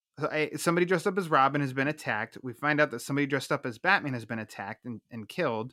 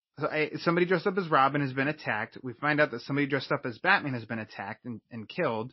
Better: first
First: none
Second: garbled, watery; slightly; nothing above 5.5 kHz

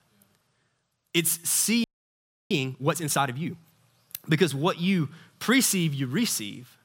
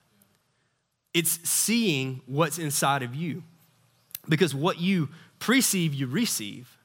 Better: second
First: audio freezing; at 2 s for 0.5 s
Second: none

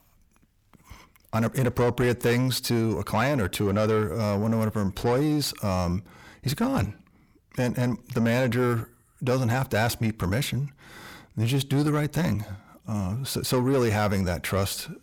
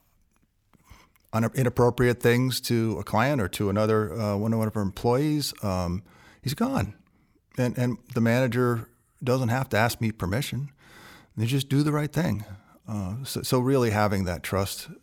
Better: second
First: distortion; slight; 10 dB below the speech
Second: none

